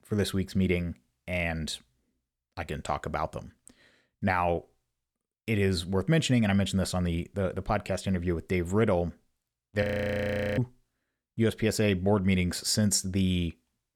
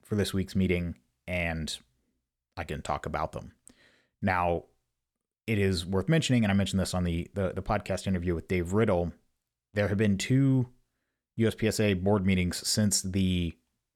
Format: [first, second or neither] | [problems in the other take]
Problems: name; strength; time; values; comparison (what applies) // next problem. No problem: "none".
second | audio freezing; at 10 s for 0.5 s